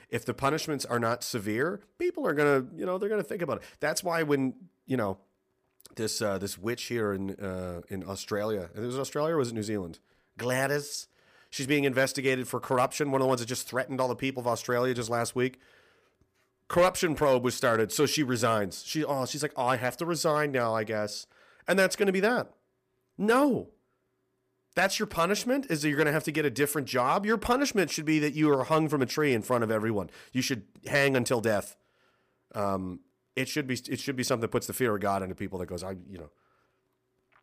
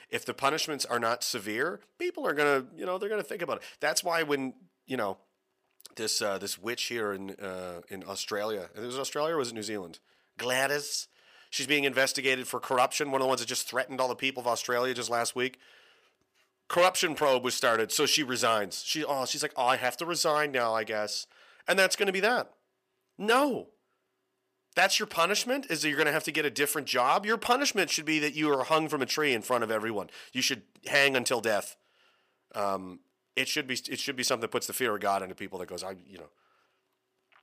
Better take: first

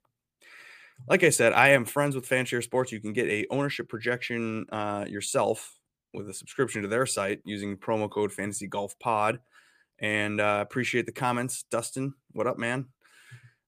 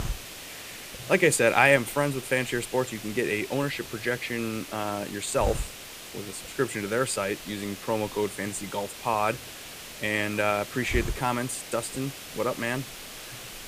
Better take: first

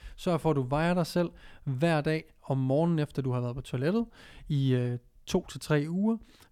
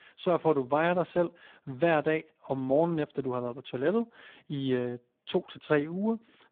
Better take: first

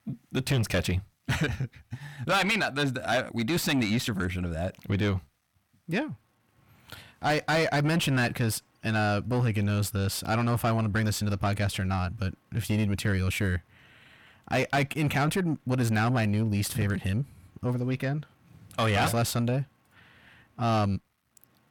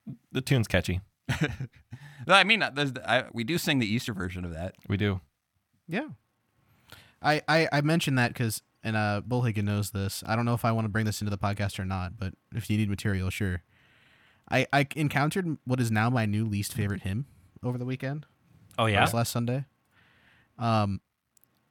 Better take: second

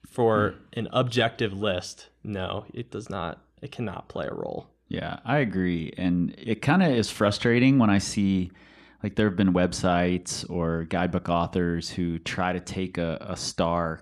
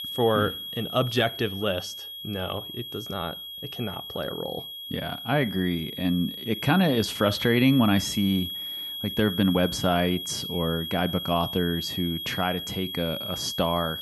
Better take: first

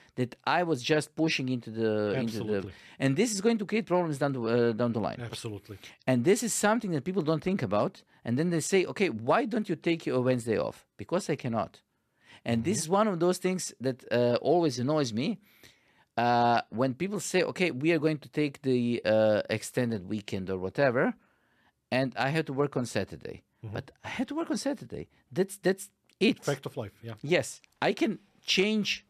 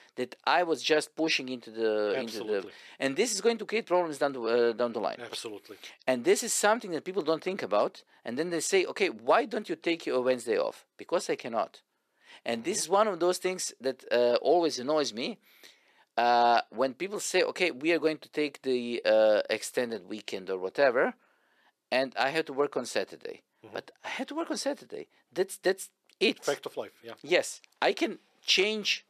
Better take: first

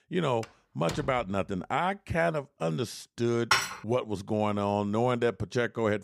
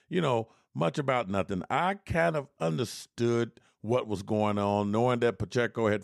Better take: second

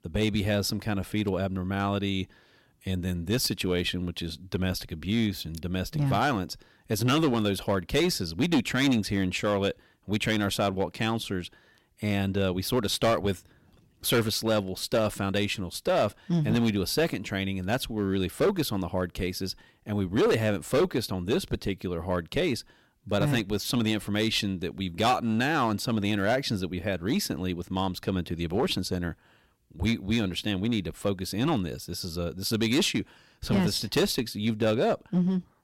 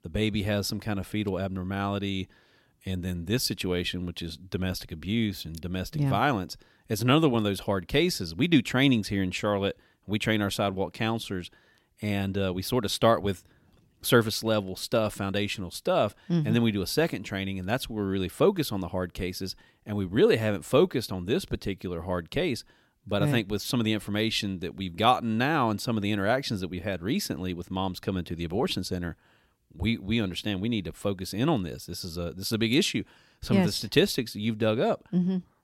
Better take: second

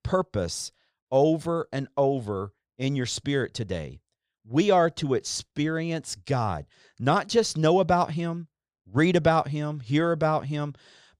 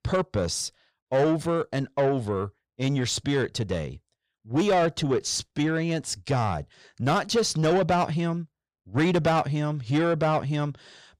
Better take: first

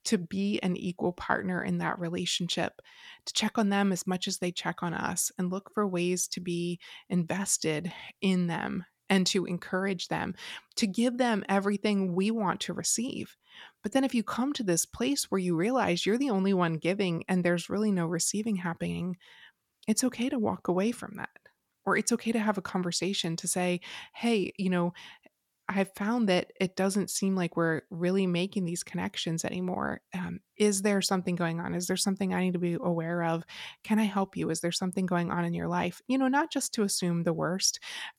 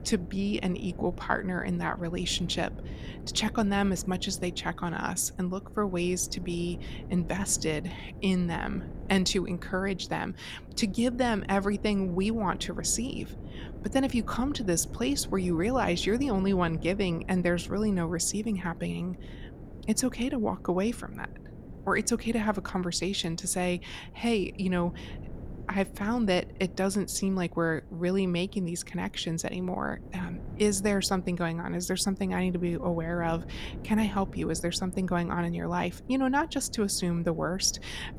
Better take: first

